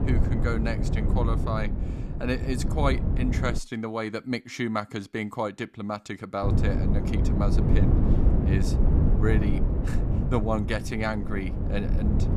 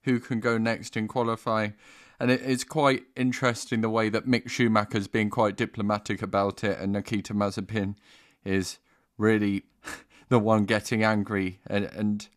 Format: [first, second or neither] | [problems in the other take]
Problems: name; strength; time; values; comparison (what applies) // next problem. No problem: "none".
second | wind noise on the microphone; heavy; until 3.5 s and from 6.5 s on; 4 dB below the speech